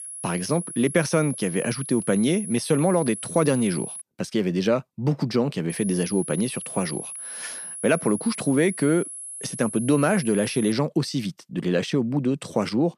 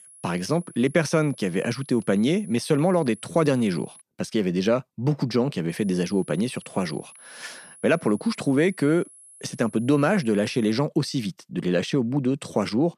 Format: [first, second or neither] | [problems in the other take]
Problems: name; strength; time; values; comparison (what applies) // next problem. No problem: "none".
second | high-pitched whine; loud; until 4 s and from 5.5 to 11 s; 10.5 kHz, 9 dB below the speech; faint in the second